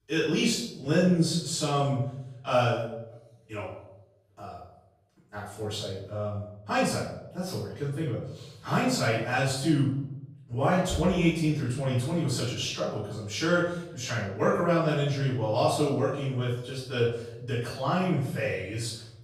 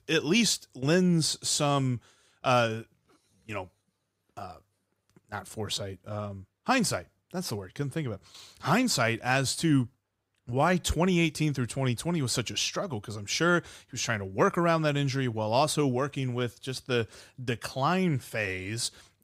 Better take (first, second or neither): second